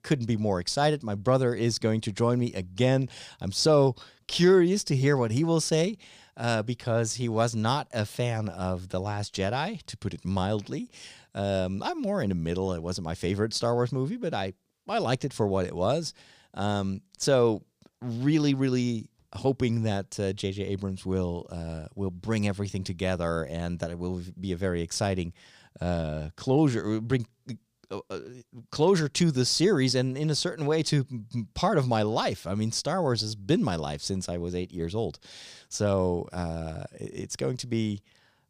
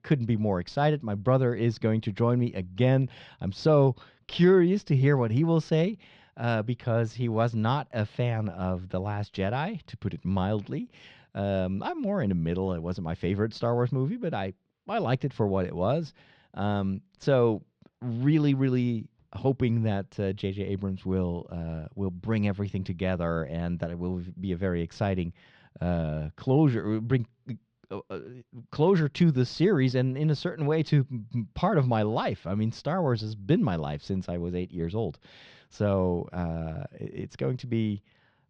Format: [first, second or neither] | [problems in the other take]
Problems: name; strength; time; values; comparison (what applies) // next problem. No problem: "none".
first | muffled; slightly; fading above 3 kHz